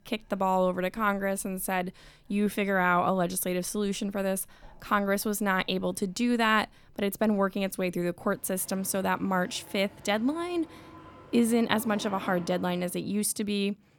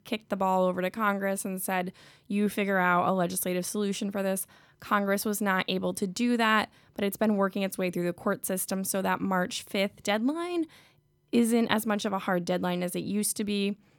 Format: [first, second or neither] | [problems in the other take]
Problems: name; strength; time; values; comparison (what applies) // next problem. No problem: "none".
second | household noises; faint; throughout; 20 dB below the speech